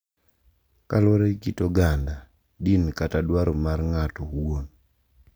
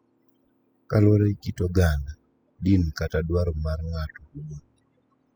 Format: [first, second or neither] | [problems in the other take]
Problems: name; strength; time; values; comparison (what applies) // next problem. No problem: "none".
first | noise reduction (classical method spectral subtraction)